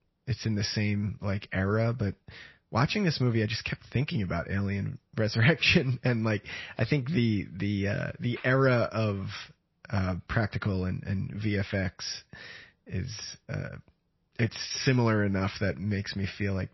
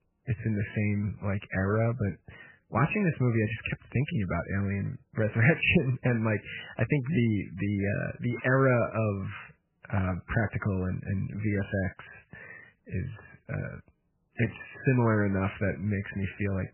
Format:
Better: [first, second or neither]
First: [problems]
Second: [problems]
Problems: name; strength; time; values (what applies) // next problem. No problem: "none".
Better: first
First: garbled, watery; slightly; nothing above 5.5 kHz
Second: garbled, watery; badly; nothing above 3 kHz